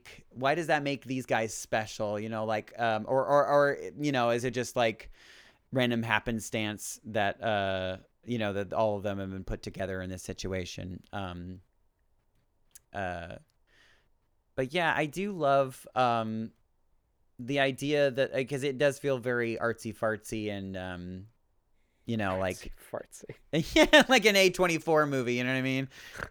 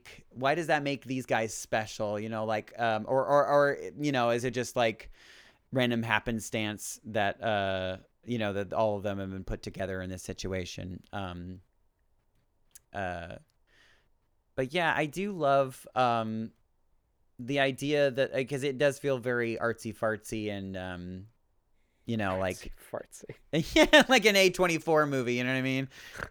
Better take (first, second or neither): neither